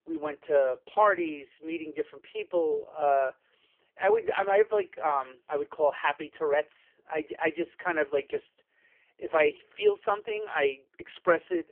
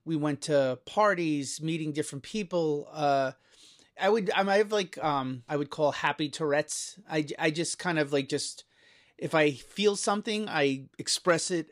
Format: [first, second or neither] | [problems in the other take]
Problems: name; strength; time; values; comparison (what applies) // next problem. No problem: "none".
second | phone-call audio; poor line